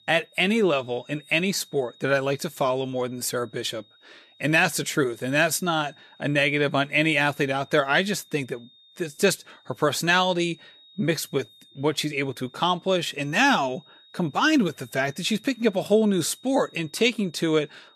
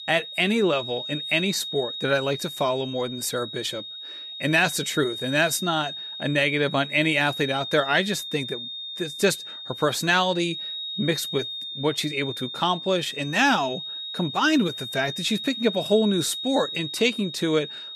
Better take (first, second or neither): first